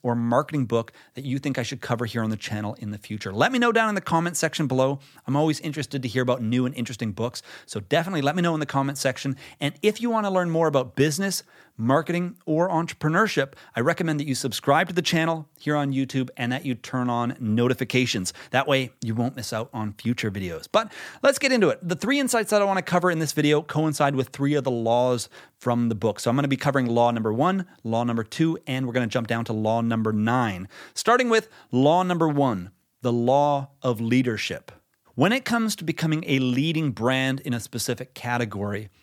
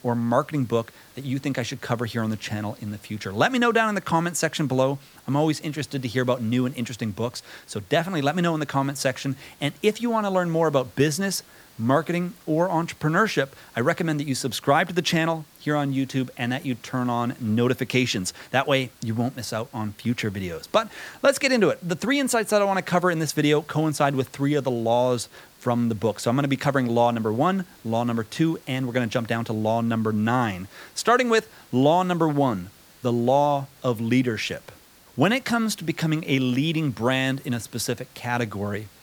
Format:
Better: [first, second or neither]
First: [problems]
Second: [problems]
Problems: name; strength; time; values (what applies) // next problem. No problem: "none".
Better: first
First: none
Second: hiss; faint; throughout; 25 dB below the speech